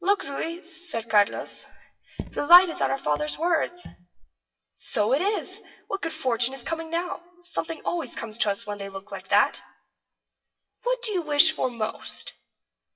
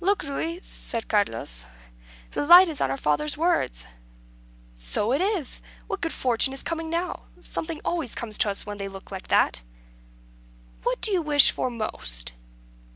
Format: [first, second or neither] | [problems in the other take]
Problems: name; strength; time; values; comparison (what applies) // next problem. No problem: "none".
second | noise reduction (classical method WPE with log-MMSE)